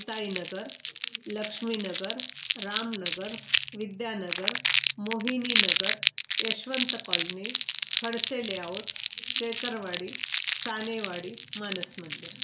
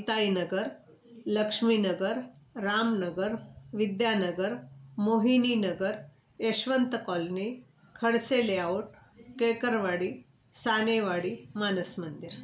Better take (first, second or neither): second